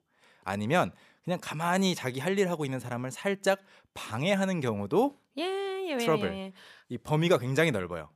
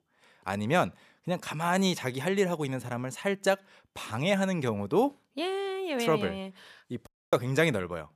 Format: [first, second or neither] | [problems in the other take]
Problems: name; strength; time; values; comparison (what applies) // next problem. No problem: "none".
first | audio cutting out; at 7 s